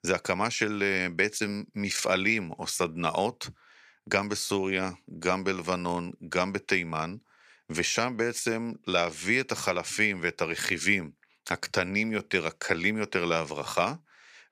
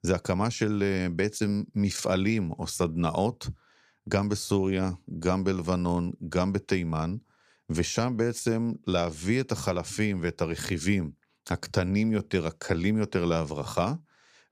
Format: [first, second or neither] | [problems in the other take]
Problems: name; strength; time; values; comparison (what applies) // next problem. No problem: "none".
second | thin; somewhat; fading below 500 Hz